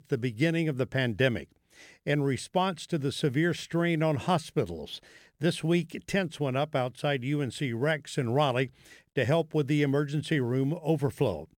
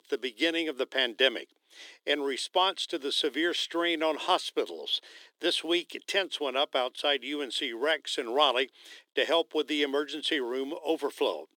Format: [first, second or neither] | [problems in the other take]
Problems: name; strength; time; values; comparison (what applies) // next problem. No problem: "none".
first | thin; somewhat; fading below 300 Hz